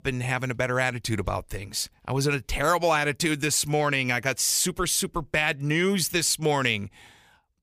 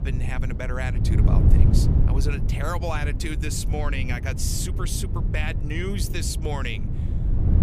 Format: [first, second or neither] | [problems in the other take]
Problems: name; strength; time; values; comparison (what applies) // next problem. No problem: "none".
first | wind noise on the microphone; heavy; 6 dB below the speech